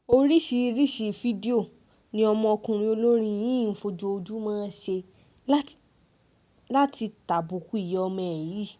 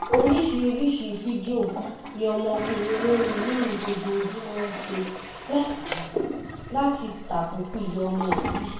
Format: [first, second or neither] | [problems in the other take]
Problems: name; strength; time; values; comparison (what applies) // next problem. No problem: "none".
first | background sound (Toilet flush); 6 dB below the speech // room echo; dies away in 0.6 s